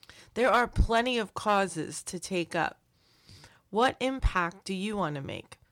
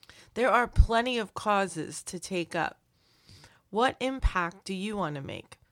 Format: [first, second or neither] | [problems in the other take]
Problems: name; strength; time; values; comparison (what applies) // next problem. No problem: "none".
second | distortion; slight; 1.2% of the sound clipped